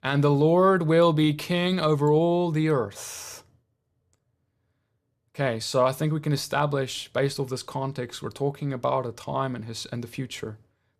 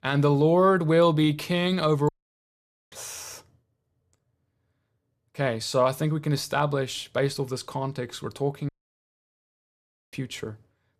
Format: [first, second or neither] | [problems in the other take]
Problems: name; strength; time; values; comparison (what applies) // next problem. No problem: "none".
first | audio cutting out; at 2 s for 1 s and at 8.5 s for 1.5 s